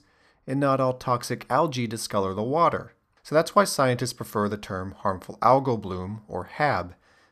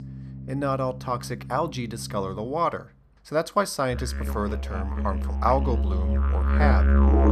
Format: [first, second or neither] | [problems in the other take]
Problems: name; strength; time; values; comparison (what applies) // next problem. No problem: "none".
first | background music; very loud; throughout; 4 dB above the speech